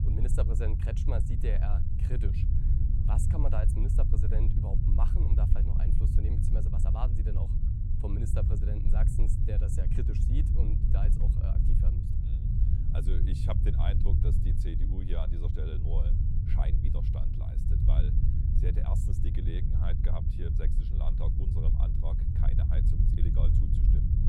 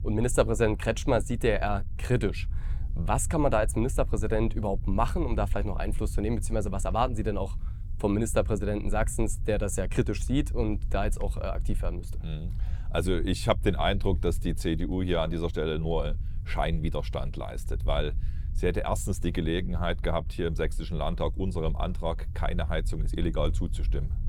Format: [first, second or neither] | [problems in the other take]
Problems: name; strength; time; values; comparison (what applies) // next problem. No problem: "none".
second | low rumble; loud; throughout; as loud as the speech; faint in the second